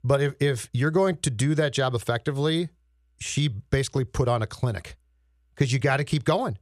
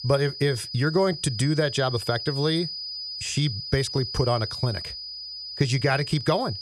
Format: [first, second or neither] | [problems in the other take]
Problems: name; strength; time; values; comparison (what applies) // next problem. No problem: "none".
first | high-pitched whine; loud; throughout; 5 kHz, 7 dB below the speech